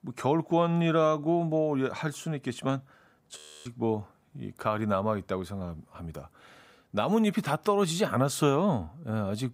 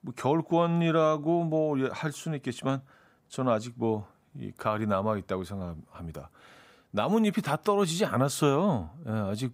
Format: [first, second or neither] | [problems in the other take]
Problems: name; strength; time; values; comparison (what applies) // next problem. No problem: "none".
second | audio freezing; at 3.5 s